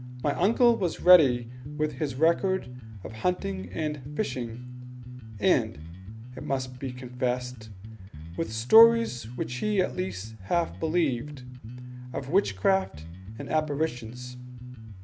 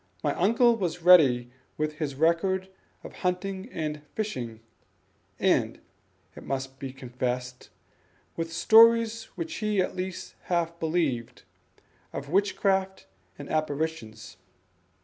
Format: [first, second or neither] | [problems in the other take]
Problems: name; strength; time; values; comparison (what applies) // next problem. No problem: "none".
second | background sound (Bass guitar); 11 dB below the speech